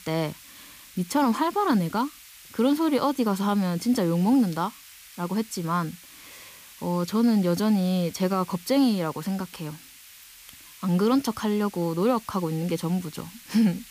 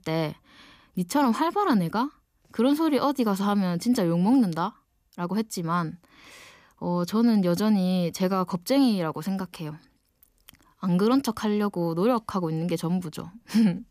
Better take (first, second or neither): second